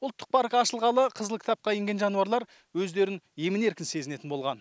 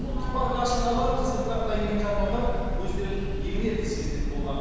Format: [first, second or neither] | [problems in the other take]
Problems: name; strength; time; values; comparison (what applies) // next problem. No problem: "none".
first | background sound (Train / Breathing); 1 dB above the speech // room echo; dies away in 1.9 s